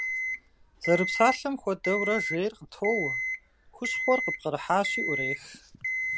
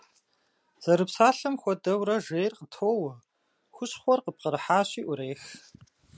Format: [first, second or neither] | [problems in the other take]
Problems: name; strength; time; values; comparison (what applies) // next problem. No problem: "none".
second | background sound (Alarm); 3 dB below the speech